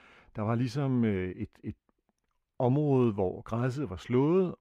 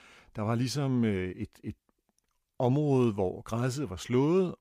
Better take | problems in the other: second | muffled; slightly; fading above 3.5 kHz

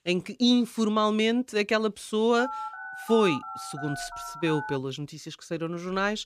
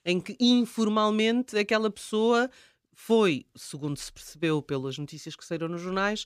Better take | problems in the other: second | phone ringing; noticeable; from 2.5 to 5 s; peak 8 dB below the speech

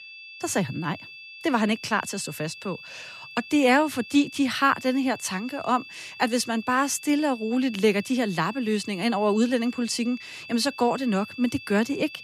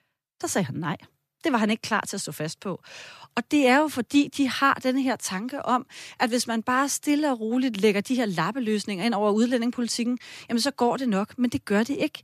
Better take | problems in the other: second | high-pitched whine; noticeable; throughout; 2.5 kHz, 15 dB below the speech

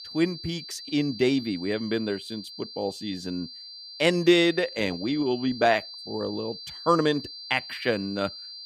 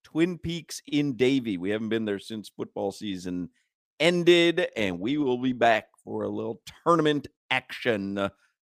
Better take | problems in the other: second | high-pitched whine; noticeable; throughout; 4.5 kHz, 10 dB below the speech

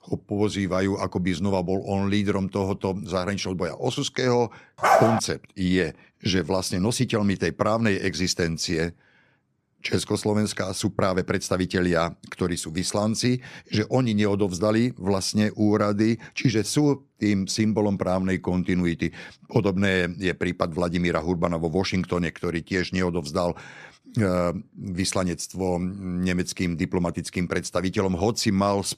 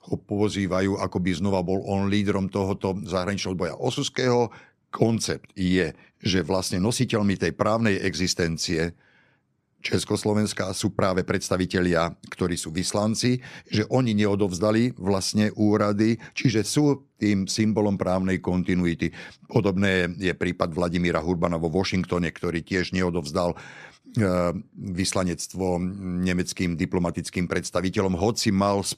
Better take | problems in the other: second | dog barking; loud; at 5 s; peak 6 dB above the speech

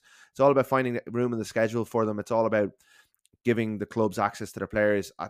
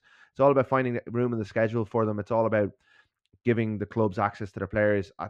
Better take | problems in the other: first | muffled; slightly; fading above 3 kHz

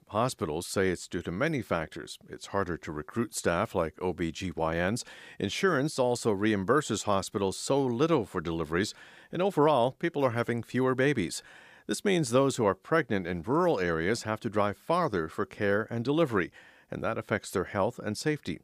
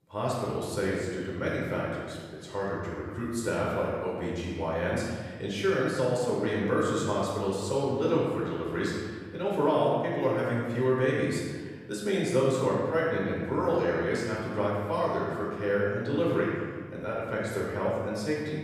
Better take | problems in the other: first | off-mic speech; far // room echo; strong; dies away in 1.5 s

